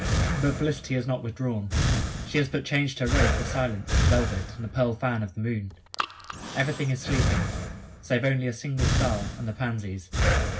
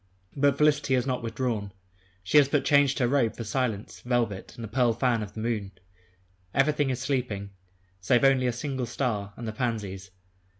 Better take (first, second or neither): second